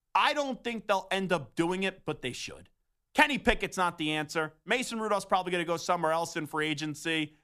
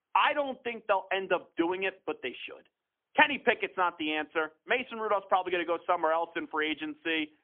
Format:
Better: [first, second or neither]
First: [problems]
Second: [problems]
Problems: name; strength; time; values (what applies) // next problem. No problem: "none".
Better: first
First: none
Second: phone-call audio; poor line; nothing above 3.5 kHz